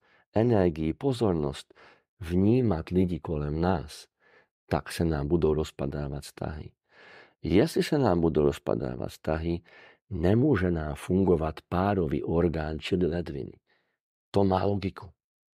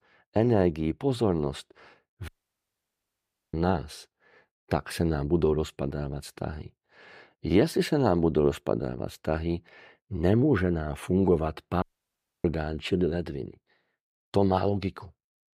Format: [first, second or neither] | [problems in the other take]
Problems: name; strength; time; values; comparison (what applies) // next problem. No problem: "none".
first | audio cutting out; at 2.5 s for 1.5 s and at 12 s for 0.5 s